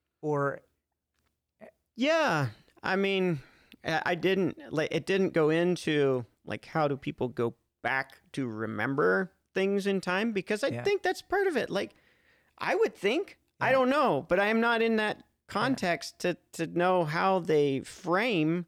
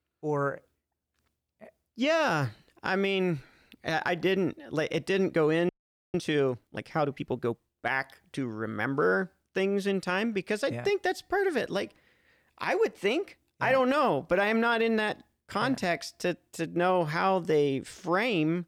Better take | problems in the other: first | audio freezing; at 5.5 s

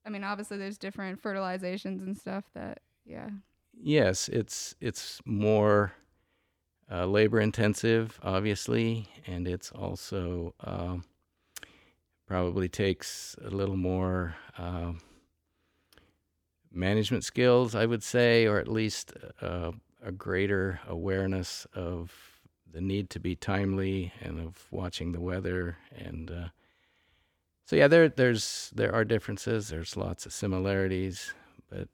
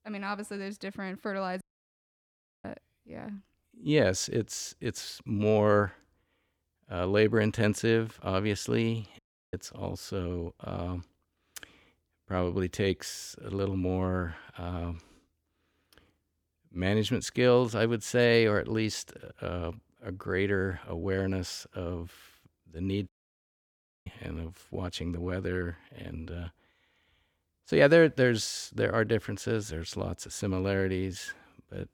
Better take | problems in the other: first | audio cutting out; at 1.5 s for 1 s, at 9 s and at 23 s for 1 s

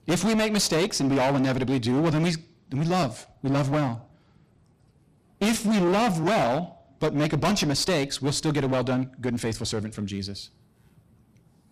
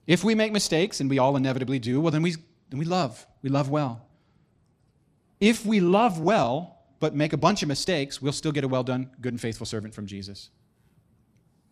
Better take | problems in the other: second | distortion; heavy; 17% of the sound clipped

